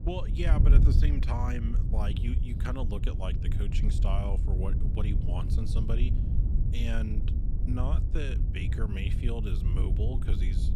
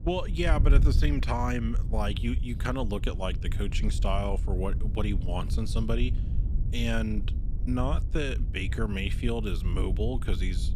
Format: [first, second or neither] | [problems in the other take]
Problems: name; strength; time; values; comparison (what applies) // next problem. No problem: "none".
second | wind noise on the microphone; heavy; 4 dB below the speech; occasional gusts in the second